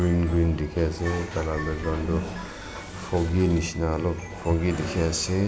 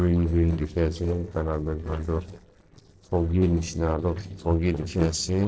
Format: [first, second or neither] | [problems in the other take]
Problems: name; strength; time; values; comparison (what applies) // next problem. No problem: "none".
first | noise reduction (neural separator model SepFormer DNS4)